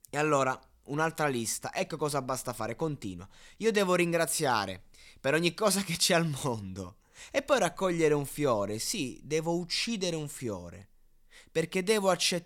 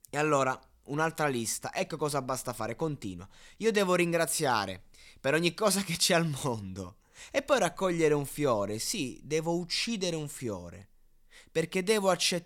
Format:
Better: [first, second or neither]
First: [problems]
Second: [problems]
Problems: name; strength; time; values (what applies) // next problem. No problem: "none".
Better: neither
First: none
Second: none